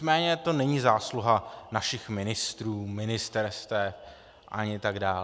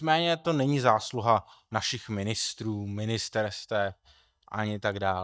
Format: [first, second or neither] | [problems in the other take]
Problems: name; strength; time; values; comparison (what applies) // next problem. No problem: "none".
first | noise reduction (neural mask model DeepFilterNet 3)